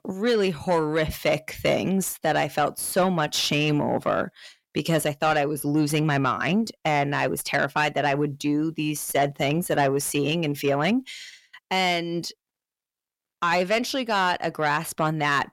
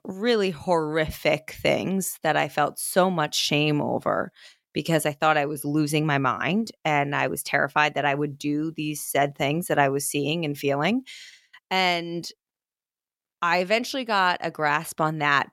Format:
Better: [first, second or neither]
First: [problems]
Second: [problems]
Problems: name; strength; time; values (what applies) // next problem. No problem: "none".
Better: second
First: distortion; slight; 10 dB below the speech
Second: none